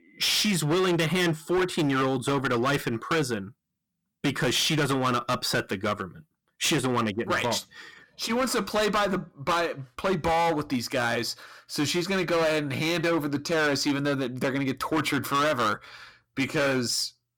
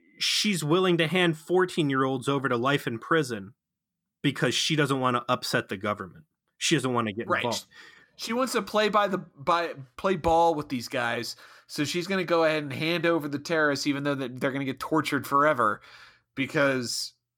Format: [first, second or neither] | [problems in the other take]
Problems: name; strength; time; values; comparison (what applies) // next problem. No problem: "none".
second | distortion; heavy; 15% of the sound clipped